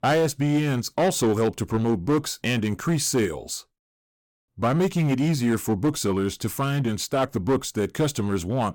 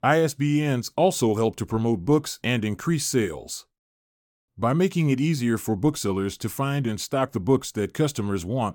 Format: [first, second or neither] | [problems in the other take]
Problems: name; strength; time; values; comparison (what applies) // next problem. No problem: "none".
second | distortion; slight; 9% of the sound clipped